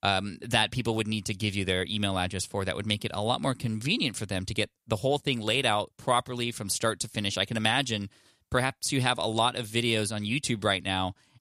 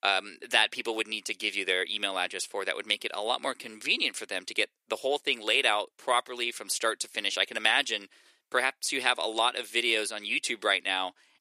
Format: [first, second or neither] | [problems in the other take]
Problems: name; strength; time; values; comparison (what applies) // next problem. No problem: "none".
first | thin; very; fading below 350 Hz